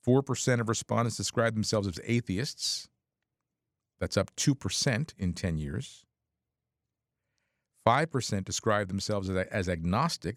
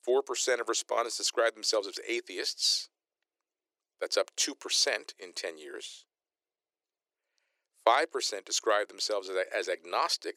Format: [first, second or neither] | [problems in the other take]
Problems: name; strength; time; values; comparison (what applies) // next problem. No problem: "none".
first | thin; very; fading below 350 Hz